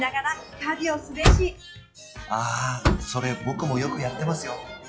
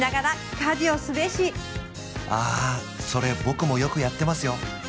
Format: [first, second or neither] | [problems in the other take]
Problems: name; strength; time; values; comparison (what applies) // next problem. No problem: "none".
second | noise reduction (classical method log-MMSE)